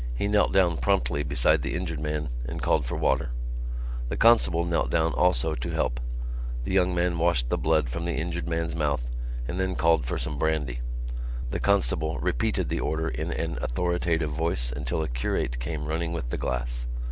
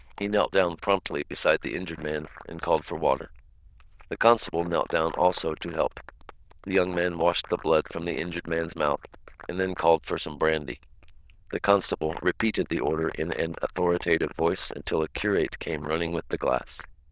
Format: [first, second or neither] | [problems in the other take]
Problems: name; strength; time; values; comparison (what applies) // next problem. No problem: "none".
first | noise reduction (neural diffusion model UNIVERSE++)